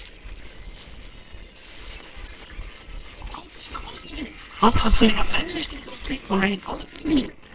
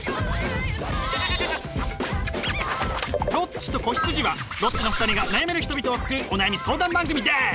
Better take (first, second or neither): second